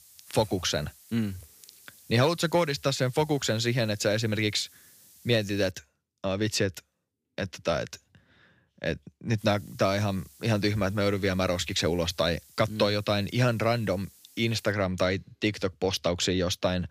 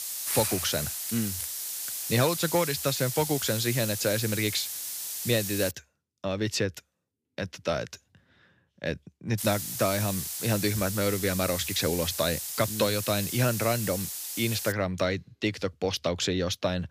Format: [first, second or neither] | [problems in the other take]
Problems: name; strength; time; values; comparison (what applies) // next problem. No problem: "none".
first | hiss; loud; until 5.5 s and from 9.5 to 15 s; 3 dB below the speech; faint in the first